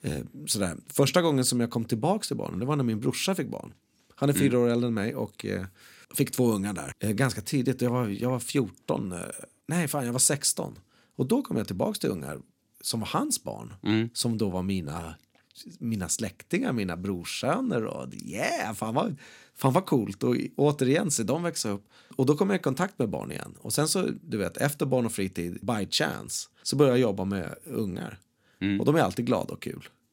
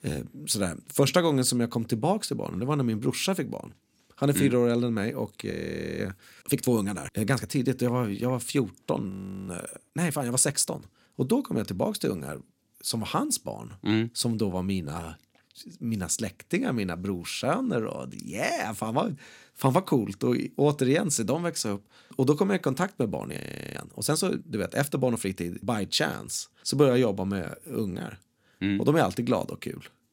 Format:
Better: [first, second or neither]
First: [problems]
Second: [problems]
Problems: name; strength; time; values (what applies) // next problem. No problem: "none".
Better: first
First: none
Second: audio freezing; at 5.5 s, at 9 s and at 23 s